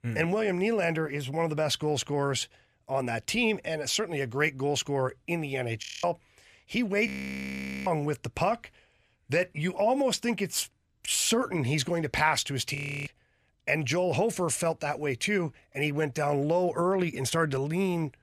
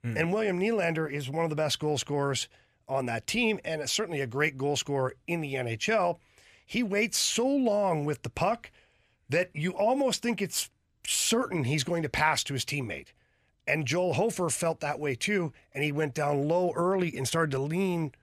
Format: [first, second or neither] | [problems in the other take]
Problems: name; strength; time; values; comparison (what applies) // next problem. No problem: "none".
second | audio freezing; at 6 s, at 7 s for 1 s and at 13 s